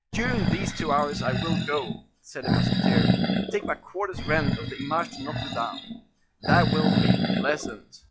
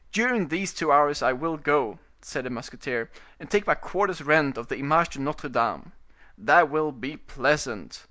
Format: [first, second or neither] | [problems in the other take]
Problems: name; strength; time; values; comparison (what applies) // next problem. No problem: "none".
second | noise reduction (classical method log-MMSE)